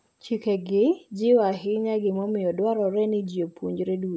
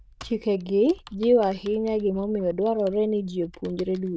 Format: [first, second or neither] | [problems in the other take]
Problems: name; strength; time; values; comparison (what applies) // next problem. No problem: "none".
first | noise reduction (neural diffusion model UNIVERSE++)